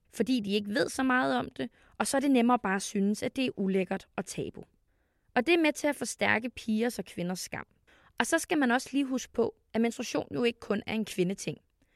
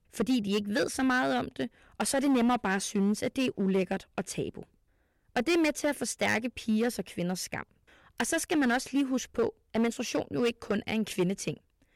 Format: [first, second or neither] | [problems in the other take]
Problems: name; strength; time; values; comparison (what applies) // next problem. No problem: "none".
first | distortion; slight; 6% of the sound clipped